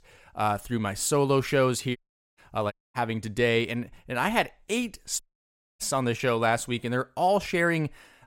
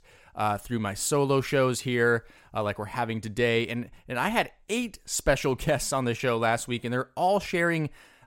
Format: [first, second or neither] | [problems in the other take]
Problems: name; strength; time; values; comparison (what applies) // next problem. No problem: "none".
second | audio cutting out; at 2 s, at 2.5 s and at 5 s for 0.5 s